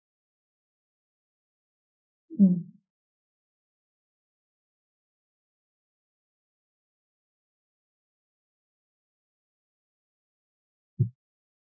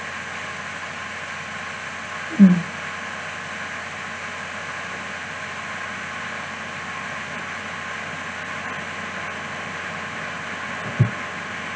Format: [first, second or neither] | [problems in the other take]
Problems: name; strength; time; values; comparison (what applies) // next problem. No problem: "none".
second | noise reduction (neural mask model Resemble Enhance denoiser)